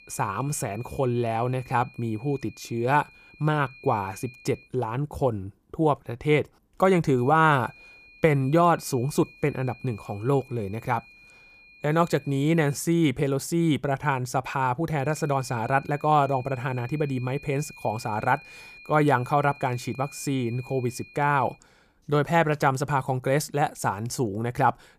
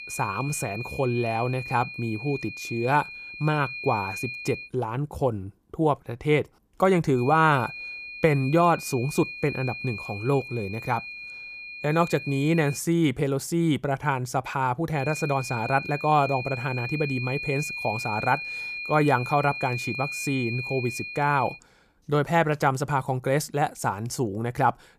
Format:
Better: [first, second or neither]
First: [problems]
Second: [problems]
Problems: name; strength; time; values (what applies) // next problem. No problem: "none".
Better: first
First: high-pitched whine; faint; until 4.5 s, from 7 to 13 s and from 15 to 22 s; 2.5 kHz, 20 dB below the speech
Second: high-pitched whine; loud; until 4.5 s, from 7 to 13 s and from 15 to 22 s; 2.5 kHz, 8 dB below the speech